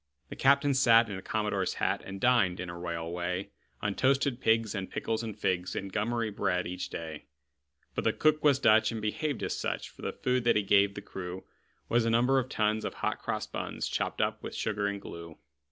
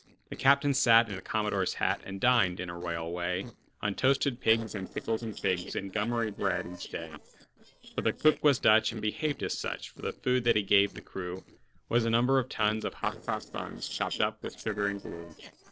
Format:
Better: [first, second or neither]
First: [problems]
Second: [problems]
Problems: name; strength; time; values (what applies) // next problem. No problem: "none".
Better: first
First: none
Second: noise reduction (neural separator model SepFormer DNS4)